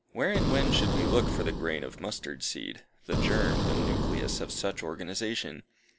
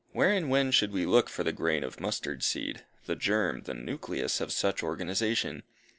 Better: second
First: background sound (Boom); 2 dB above the speech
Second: none

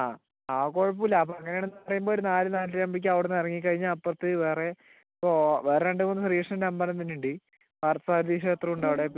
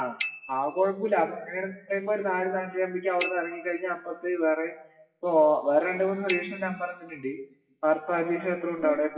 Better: first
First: none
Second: noise reduction (classical method WPE with log-MMSE)

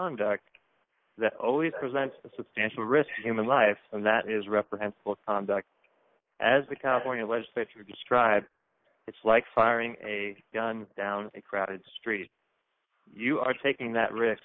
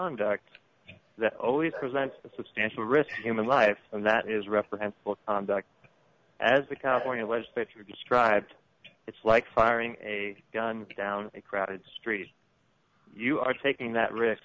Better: second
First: noise reduction (neural mask model Resemble Enhance denoiser)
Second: none

